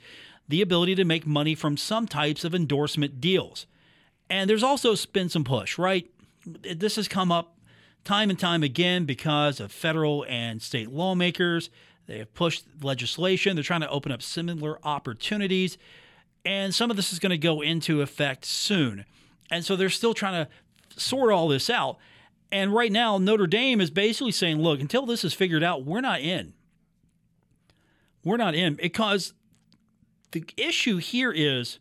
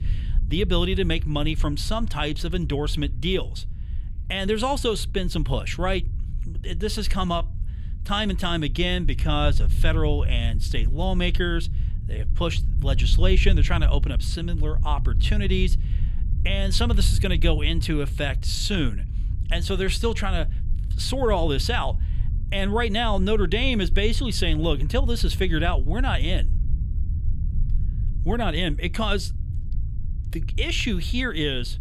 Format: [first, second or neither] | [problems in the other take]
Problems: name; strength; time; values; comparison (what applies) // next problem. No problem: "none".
first | low rumble; noticeable; throughout; 20 dB below the speech